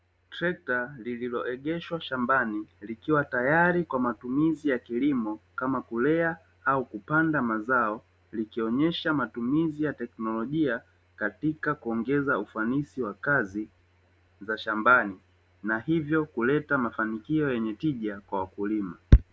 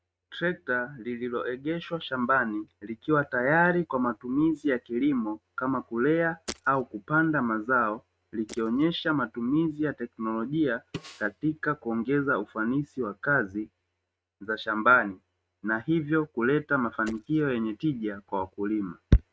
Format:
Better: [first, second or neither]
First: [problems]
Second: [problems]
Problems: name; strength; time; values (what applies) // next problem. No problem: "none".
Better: first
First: none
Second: noise reduction (neural mask model RNNoise)